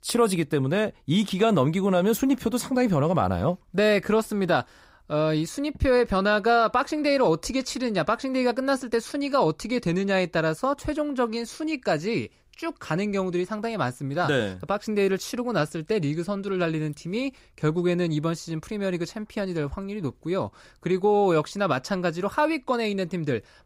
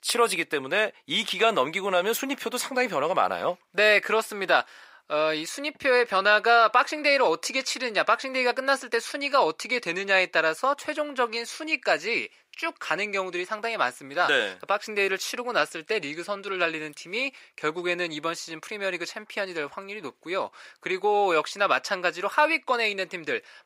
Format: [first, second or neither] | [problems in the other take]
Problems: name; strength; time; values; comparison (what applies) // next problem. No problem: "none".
first | thin; very; fading below 500 Hz